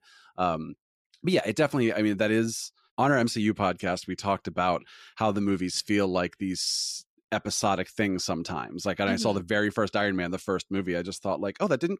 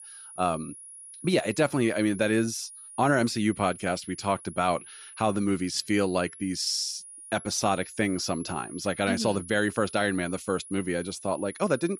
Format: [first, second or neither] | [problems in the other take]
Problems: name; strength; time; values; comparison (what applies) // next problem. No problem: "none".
first | high-pitched whine; noticeable; throughout; 10.5 kHz, 15 dB below the speech